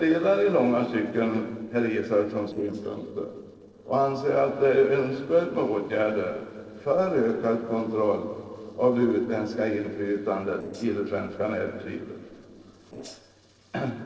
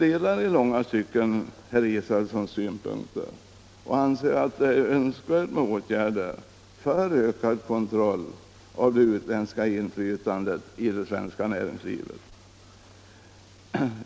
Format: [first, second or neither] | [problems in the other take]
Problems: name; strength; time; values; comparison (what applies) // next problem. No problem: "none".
second | noise reduction (neural separator model SepFormer DNS4)